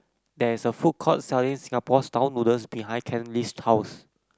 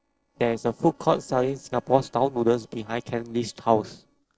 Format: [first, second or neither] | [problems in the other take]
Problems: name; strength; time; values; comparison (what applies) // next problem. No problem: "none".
first | noise reduction (neural separator model SepFormer DNS4)